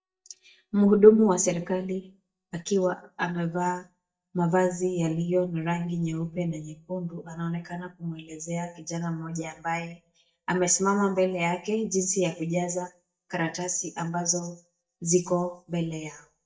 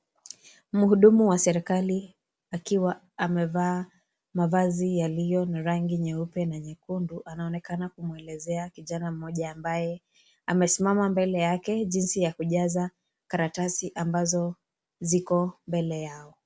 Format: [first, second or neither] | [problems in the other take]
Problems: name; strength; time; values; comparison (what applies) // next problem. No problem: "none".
second | noise reduction (neural mask model DeepFilterNet 3)